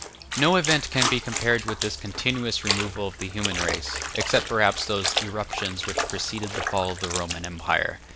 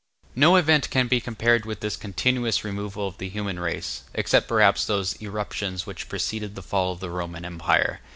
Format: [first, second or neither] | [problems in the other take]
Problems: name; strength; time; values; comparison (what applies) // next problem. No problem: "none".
second | background sound (Trickle, dribble / Splash, splatter); 4 dB below the speech